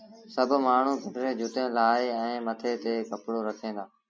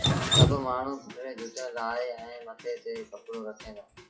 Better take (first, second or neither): first